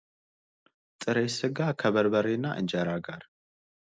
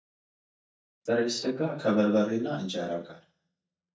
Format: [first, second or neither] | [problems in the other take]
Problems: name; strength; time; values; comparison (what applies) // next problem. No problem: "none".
first | noise reduction (neural mask model DeepFilterNet 3)